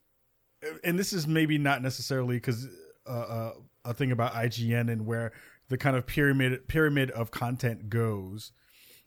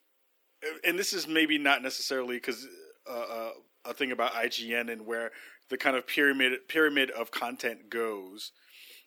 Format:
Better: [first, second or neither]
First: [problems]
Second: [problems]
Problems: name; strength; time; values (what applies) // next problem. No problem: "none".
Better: first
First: none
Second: thin; somewhat; fading below 300 Hz